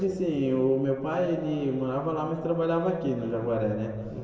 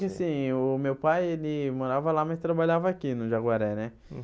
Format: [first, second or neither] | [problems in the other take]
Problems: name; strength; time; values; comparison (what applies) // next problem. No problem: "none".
second | room echo; dies away in 1.8 s